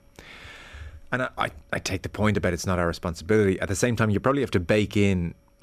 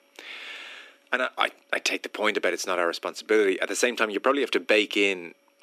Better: first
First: none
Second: thin; somewhat; fading below 300 Hz

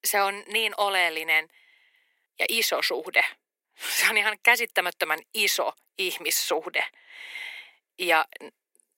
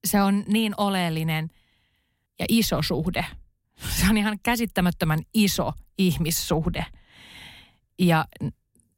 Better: second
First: thin; very; fading below 400 Hz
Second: none

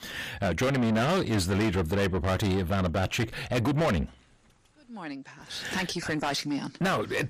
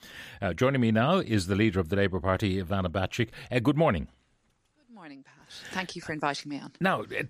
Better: second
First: distortion; heavy; 6 dB below the speech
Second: none

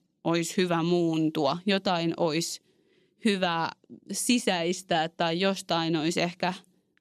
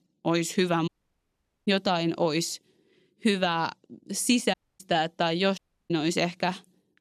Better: first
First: none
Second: audio cutting out; at 1 s for 1 s, at 4.5 s and at 5.5 s

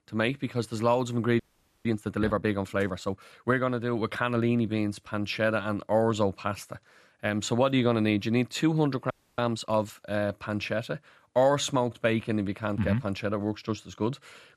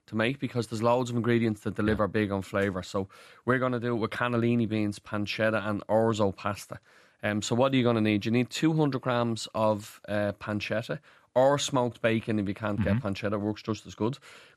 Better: second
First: audio freezing; at 1.5 s and at 9 s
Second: none

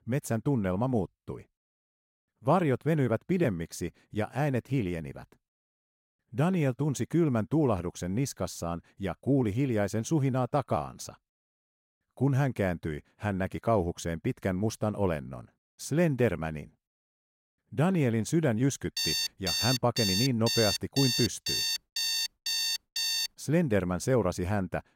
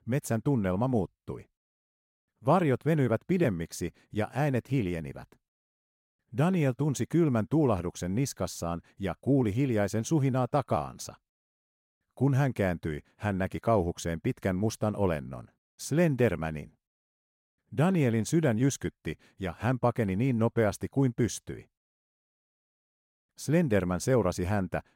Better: second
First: alarm; loud; from 19 to 23 s; peak 2 dB above the speech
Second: none

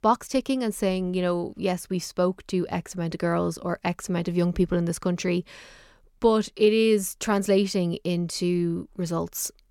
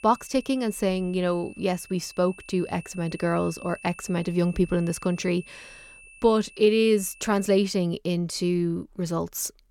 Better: first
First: none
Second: high-pitched whine; faint; until 7.5 s; 2.5 kHz, 20 dB below the speech

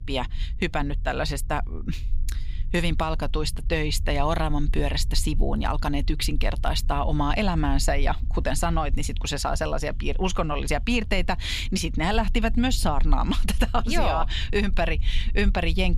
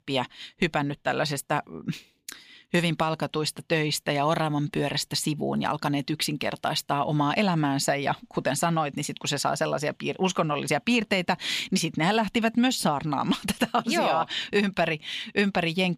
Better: second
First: low rumble; faint; throughout; 25 dB below the speech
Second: none

